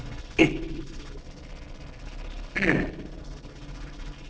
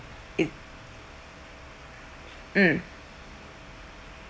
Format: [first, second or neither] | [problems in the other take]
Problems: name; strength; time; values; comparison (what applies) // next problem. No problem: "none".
second | noise reduction (neural separator model SepFormer DNS4)